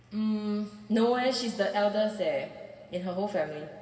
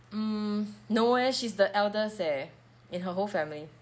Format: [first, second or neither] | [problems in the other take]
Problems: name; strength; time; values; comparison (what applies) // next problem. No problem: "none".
second | room echo; dies away in 1.5 s